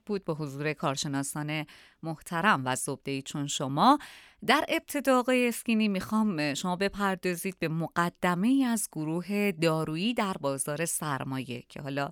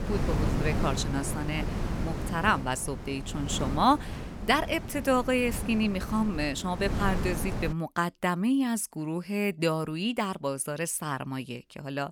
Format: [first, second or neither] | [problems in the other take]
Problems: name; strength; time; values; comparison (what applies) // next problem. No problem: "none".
first | wind noise on the microphone; heavy; until 7.5 s; 10 dB below the speech